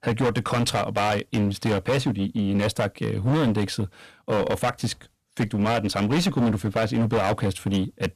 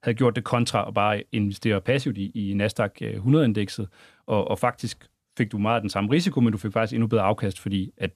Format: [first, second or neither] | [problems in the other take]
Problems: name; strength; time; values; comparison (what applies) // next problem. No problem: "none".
second | distortion; heavy; 17% of the sound clipped